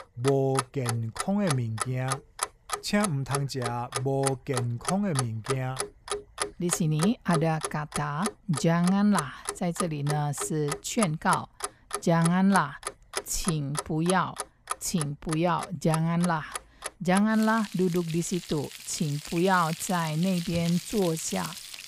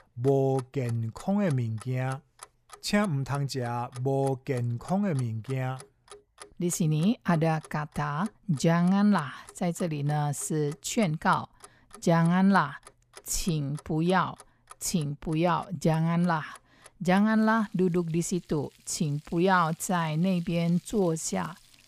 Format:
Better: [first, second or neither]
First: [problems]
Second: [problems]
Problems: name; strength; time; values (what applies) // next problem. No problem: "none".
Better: second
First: household noises; loud; throughout; 8 dB below the speech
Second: household noises; faint; throughout; 25 dB below the speech